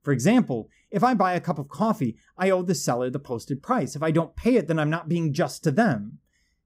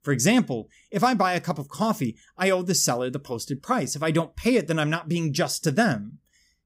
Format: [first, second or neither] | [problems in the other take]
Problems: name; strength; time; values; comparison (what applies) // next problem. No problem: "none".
second | muffled; slightly; fading above 2 kHz